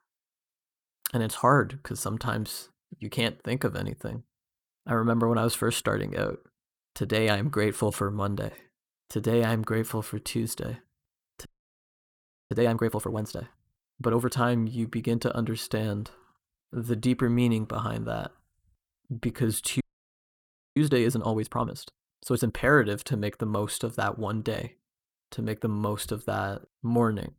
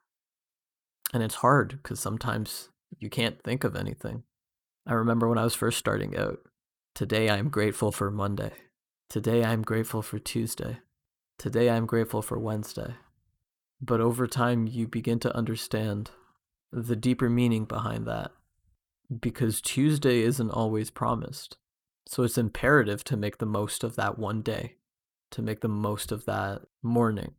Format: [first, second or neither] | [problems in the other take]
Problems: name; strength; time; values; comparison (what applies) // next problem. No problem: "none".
second | audio freezing; at 11 s for 1 s and at 20 s for 1 s